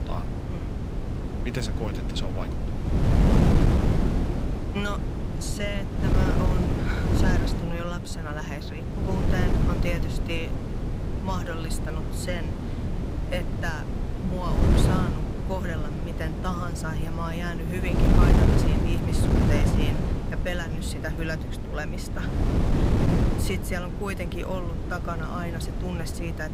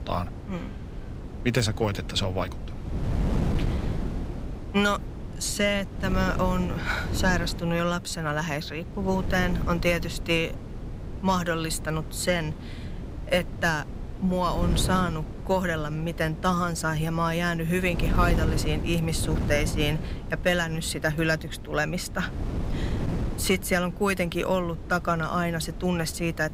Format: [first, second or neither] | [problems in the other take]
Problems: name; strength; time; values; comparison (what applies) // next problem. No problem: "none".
second | wind noise on the microphone; heavy; as loud as the speech; occasional gusts in the second